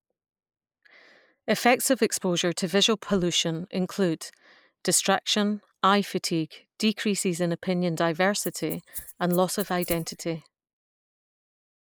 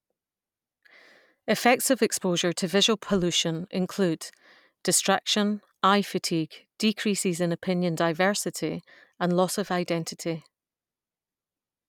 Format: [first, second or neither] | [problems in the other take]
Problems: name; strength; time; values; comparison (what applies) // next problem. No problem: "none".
second | noise reduction (neural mask model Resemble Enhance denoiser)